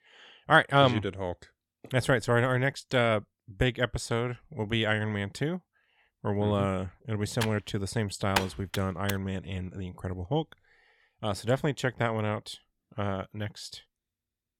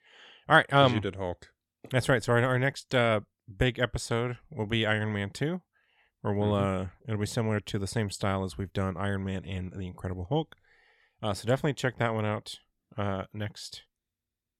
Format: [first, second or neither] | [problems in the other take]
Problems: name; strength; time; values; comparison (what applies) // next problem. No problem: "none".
second | keyboard typing; noticeable; from 7.5 to 9 s; peak 2 dB below the speech